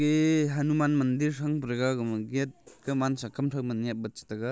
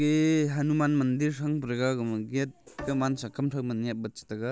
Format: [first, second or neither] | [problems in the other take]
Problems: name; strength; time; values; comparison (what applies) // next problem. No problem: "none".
first | background sound (Bowed string instrument); 18 dB below the speech